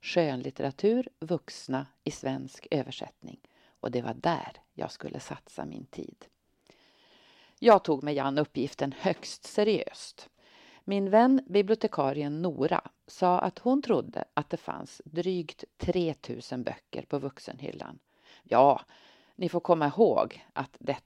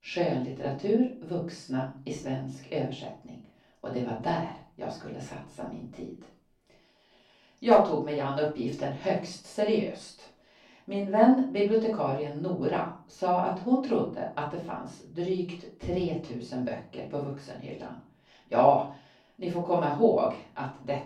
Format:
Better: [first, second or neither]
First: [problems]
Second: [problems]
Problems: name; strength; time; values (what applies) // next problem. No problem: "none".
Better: first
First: none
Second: off-mic speech; far // room echo; slight; dies away in 0.4 s